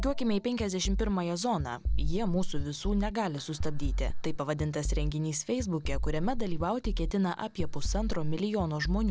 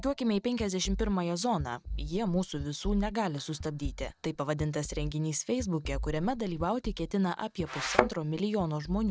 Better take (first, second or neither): first